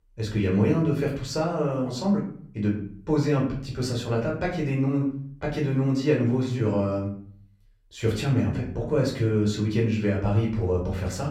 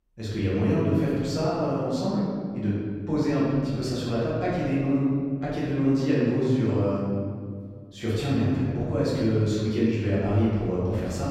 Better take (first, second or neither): first